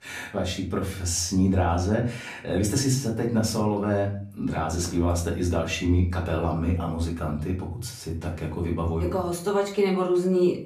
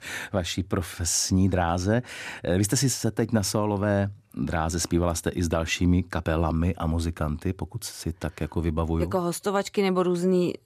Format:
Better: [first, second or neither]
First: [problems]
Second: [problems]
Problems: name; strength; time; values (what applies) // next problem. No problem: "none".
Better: second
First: off-mic speech; far // room echo; slight; dies away in 0.4 s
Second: none